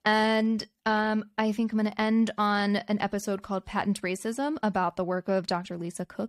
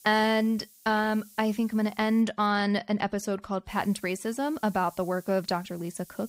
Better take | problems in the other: first | hiss; faint; until 2 s and from 3.5 s on; 25 dB below the speech

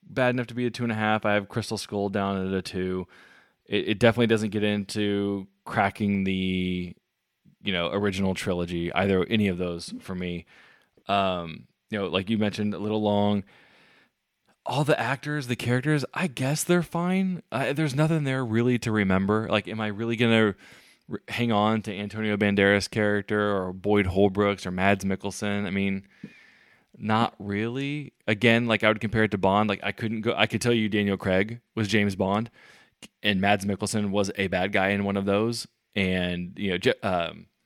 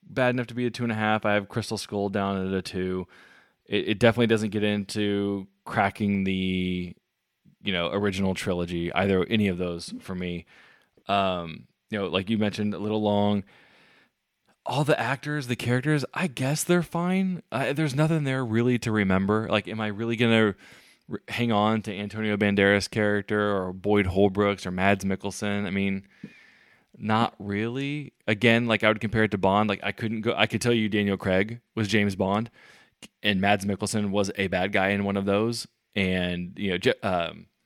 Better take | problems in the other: neither | none

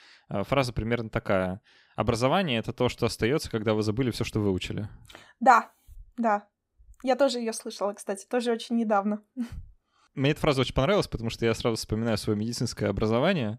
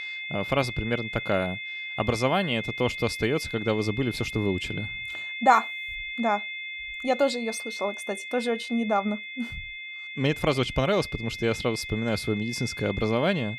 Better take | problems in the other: first | high-pitched whine; loud; throughout; 2 kHz, 7 dB below the speech

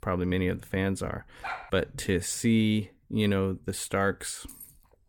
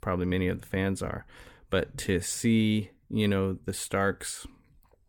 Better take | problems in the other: second | dog barking; noticeable; at 1.5 s; peak 9 dB below the speech // jangling keys; faint; at 4.5 s; peak 20 dB below the speech

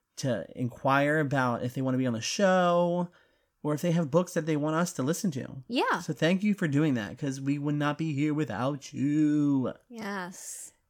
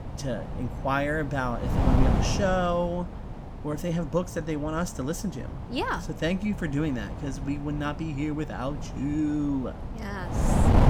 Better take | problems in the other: first | wind noise on the microphone; heavy; 7 dB below the speech

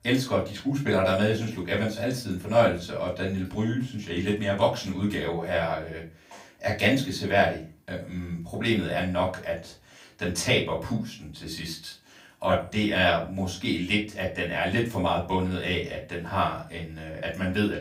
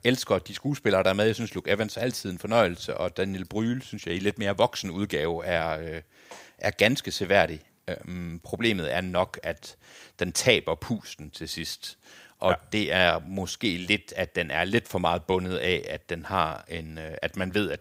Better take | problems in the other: second | off-mic speech; far // room echo; very slight; dies away in 0.3 s

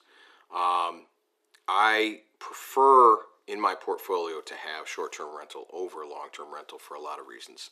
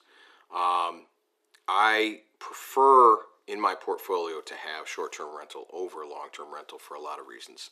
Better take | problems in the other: neither | thin; very; fading below 350 Hz; the same in both

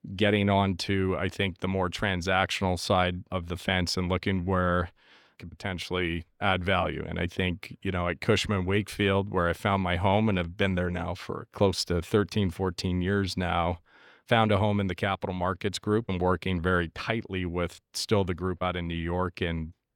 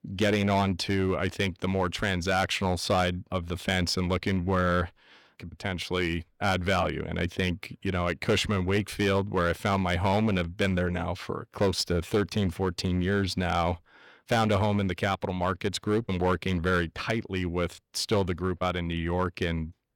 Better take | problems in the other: first | distortion; slight; 5% of the sound clipped

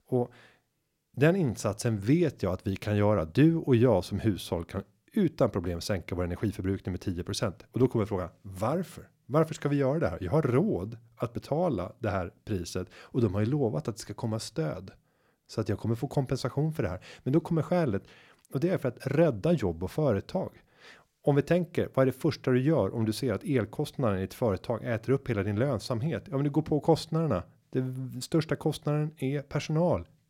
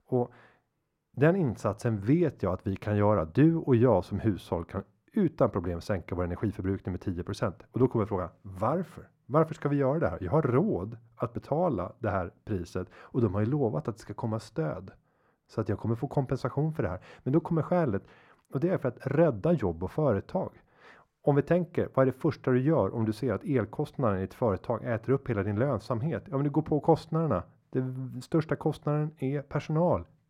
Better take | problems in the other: first | muffled; slightly; fading above 2.5 kHz

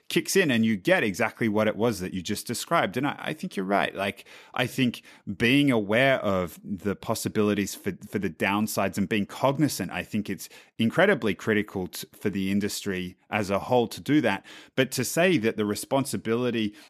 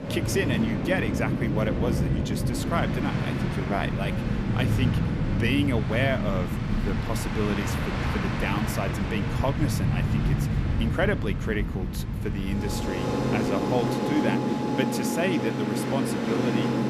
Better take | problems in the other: first | train or aircraft noise; very loud; throughout; 3 dB above the speech

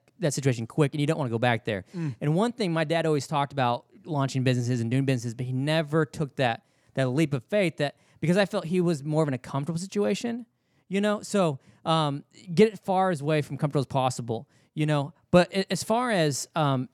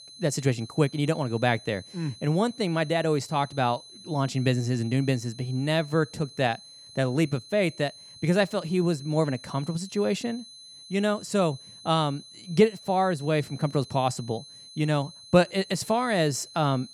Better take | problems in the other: first | high-pitched whine; noticeable; throughout; 4 kHz, 20 dB below the speech

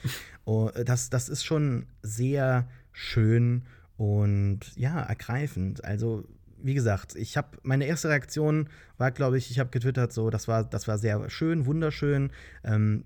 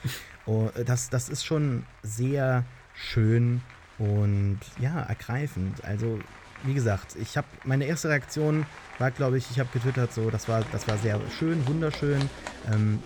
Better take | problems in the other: first | crowd noise; noticeable; throughout; 15 dB below the speech

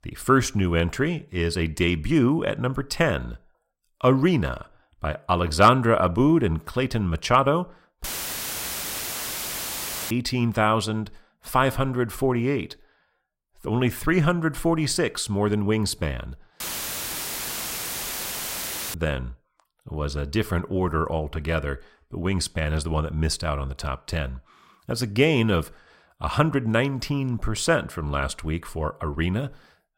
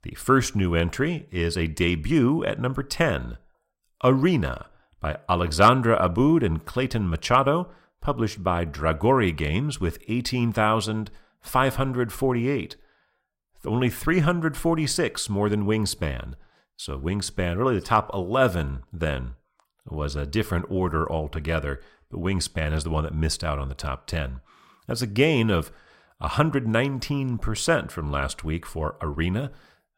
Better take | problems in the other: second | audio cutting out; filled with static; at 8 s for 2 s and at 17 s for 2.5 s

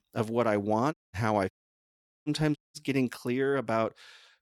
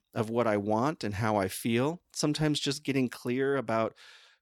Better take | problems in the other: second | audio cutting out; at 1 s, at 1.5 s for 1 s and at 2.5 s

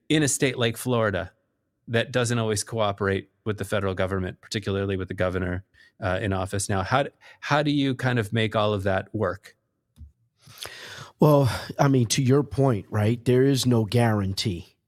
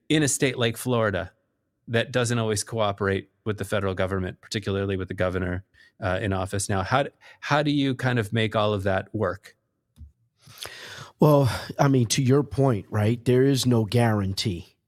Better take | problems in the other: neither | none

